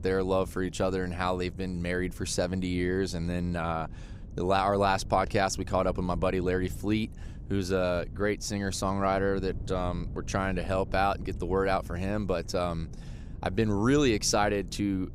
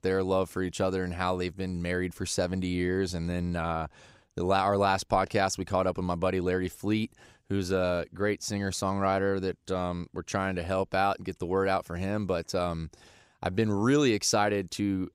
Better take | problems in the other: second | wind noise on the microphone; occasional gusts; 25 dB below the speech

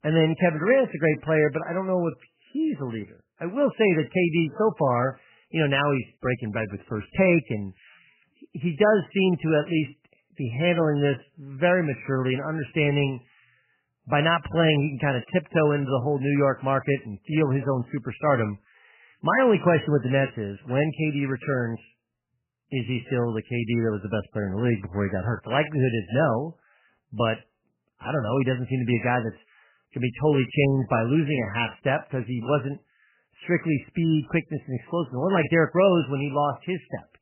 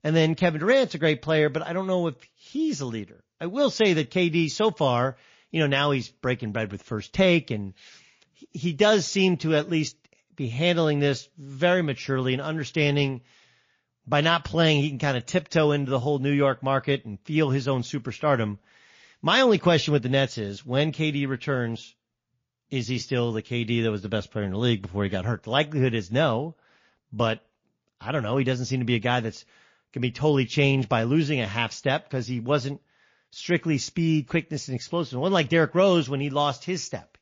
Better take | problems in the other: second | garbled, watery; badly; nothing above 3 kHz; slightly in the second

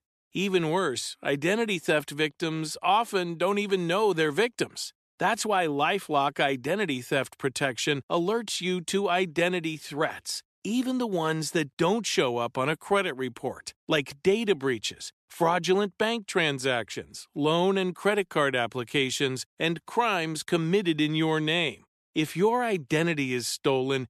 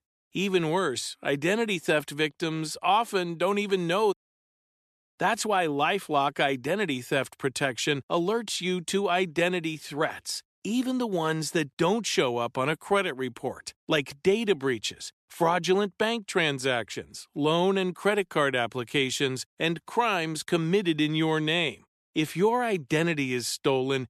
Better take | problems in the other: first | audio cutting out; at 4 s for 1 s

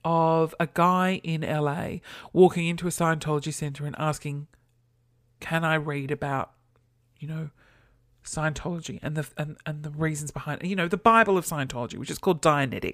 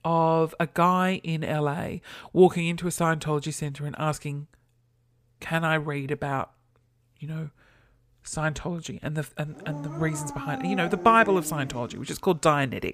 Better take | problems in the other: first | dog barking; noticeable; from 9.5 to 12 s; peak 7 dB below the speech

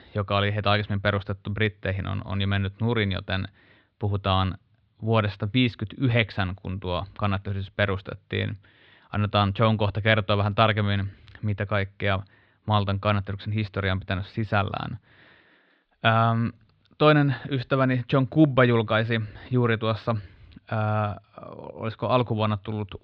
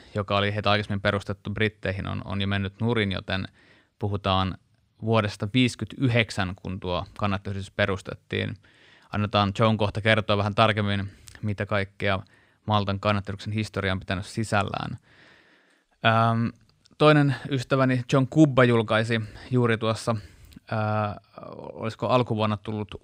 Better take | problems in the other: second | muffled; very slightly; fading above 4 kHz

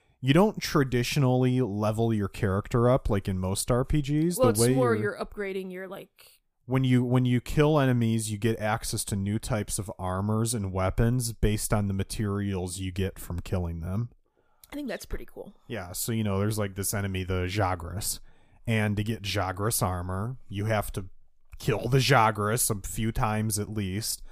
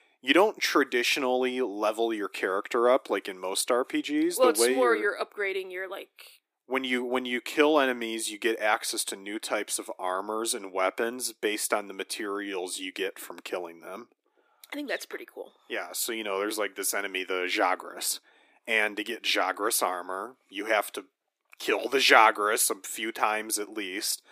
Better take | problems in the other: first | thin; very; fading below 300 Hz

